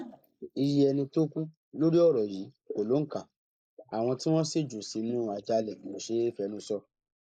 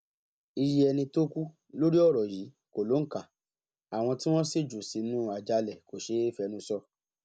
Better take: second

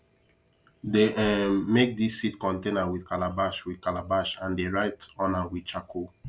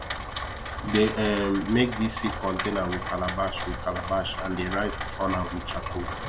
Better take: first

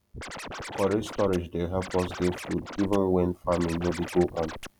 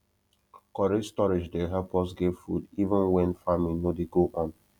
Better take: second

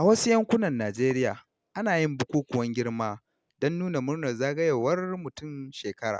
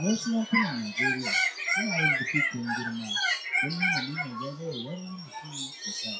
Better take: first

